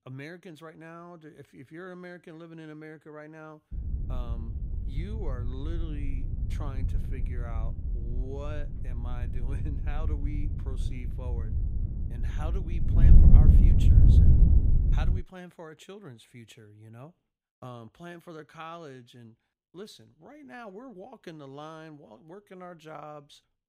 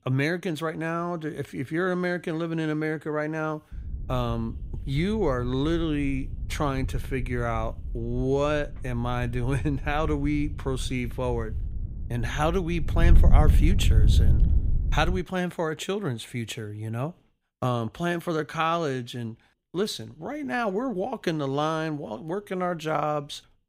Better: second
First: wind noise on the microphone; heavy; from 3.5 to 15 s; 3 dB above the speech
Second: wind noise on the microphone; occasional gusts; from 3.5 to 15 s; 15 dB below the speech

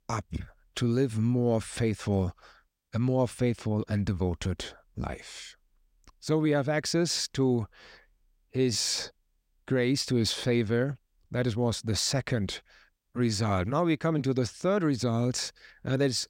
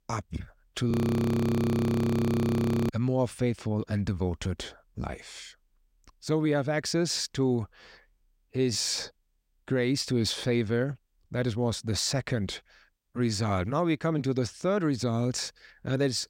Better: first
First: none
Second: audio freezing; at 1 s for 2 s

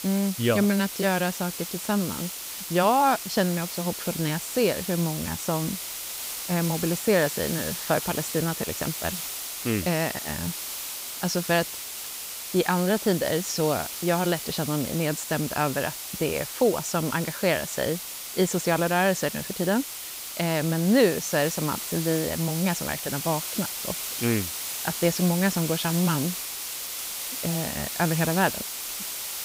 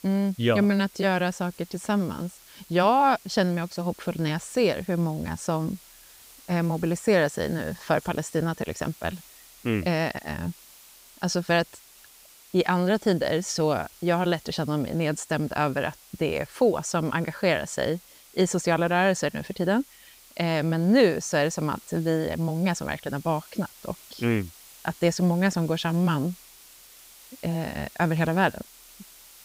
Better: second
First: hiss; loud; throughout; 5 dB below the speech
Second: hiss; faint; throughout; 20 dB below the speech

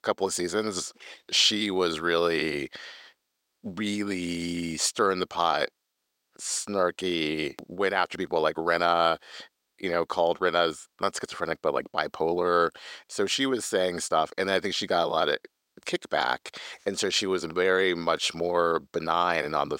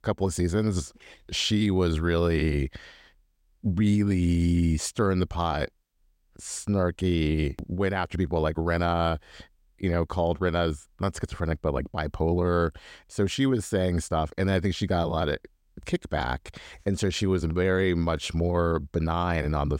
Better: second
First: thin; somewhat; fading below 400 Hz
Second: none

